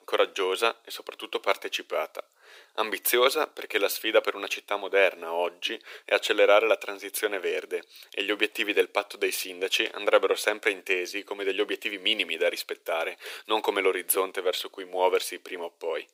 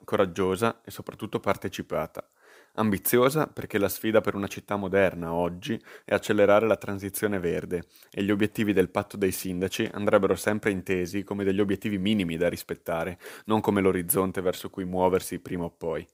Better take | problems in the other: second | thin; very; fading below 350 Hz

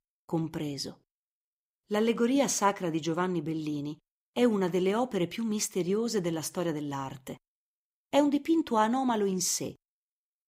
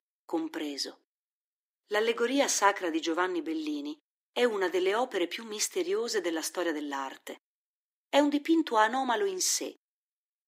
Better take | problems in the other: first | thin; very slightly; fading below 300 Hz

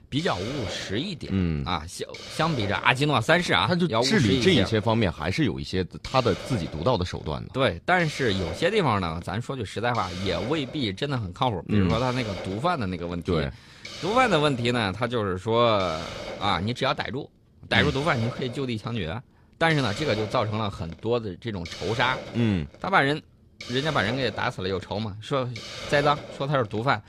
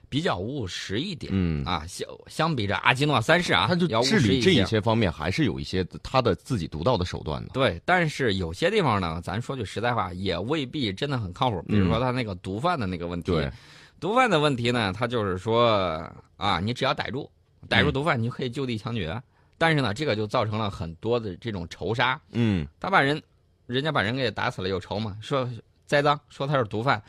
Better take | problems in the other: second | hiss; noticeable; throughout; 15 dB below the speech

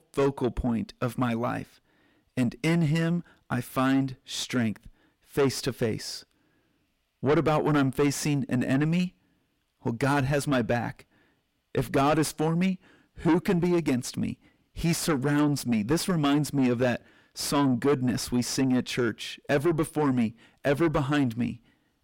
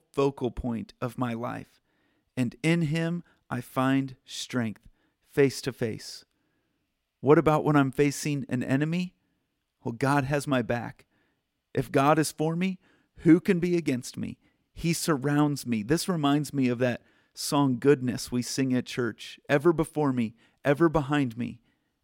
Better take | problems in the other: second | distortion; heavy; 6 dB below the speech

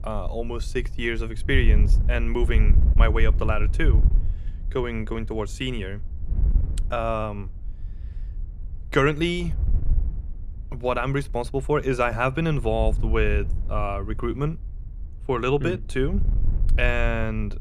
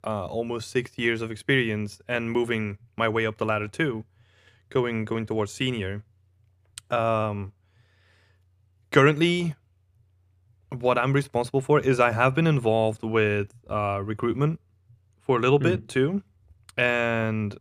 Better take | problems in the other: second | wind noise on the microphone; occasional gusts; 20 dB below the speech

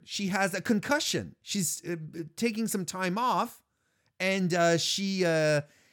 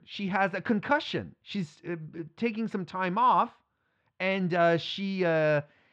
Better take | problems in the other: first | muffled; very; fading above 3.5 kHz

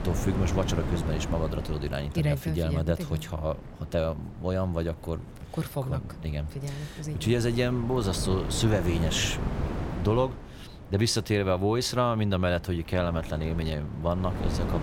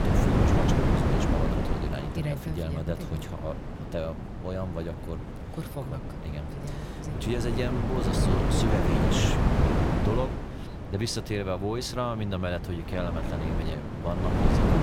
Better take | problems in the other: first | wind noise on the microphone; heavy; 2 dB above the speech; occasional gusts in the first

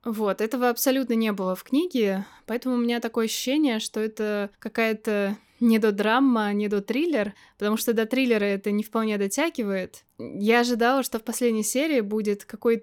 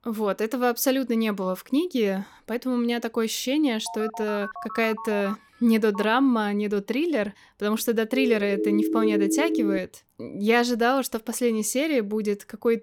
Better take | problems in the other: first | phone ringing; faint; from 4 to 6 s; peak 10 dB below the speech // siren; loud; from 8 to 10 s; peak 1 dB above the speech

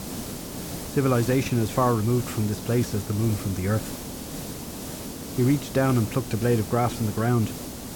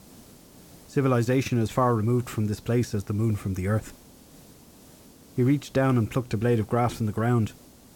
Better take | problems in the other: second | hiss; loud; throughout; 9 dB below the speech; faint in the second

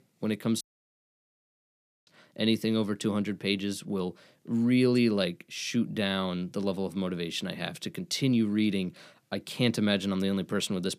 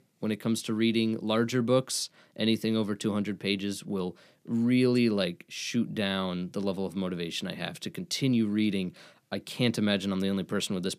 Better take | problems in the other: second | audio cutting out; at 0.5 s for 1.5 s

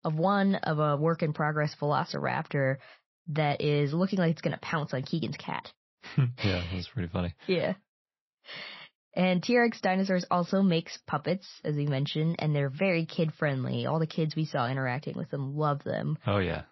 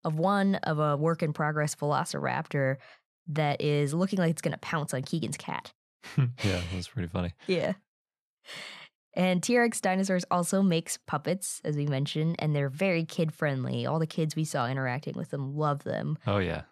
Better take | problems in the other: second | garbled, watery; slightly; nothing above 6 kHz

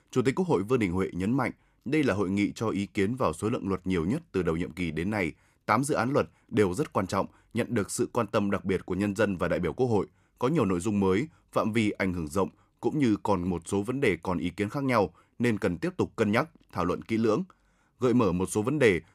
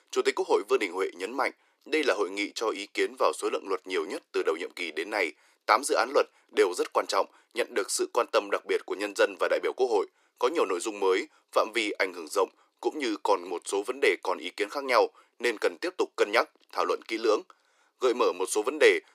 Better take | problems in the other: first | thin; very; fading below 350 Hz

